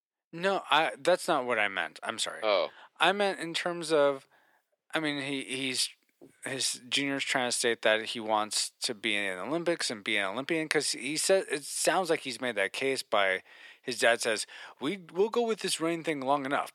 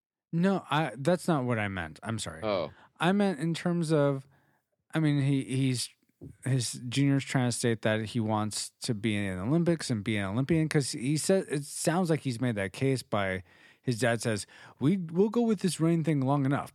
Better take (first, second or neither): second